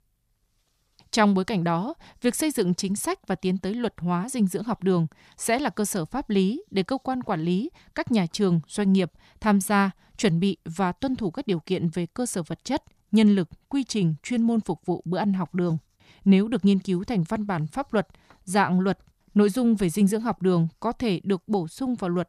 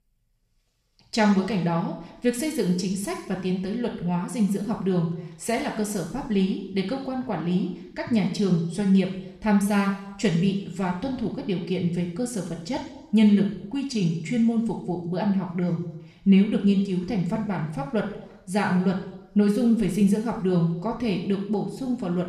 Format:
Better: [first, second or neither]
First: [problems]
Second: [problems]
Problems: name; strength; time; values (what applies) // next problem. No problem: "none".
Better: first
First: none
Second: room echo; noticeable; dies away in 0.8 s // off-mic speech; somewhat distant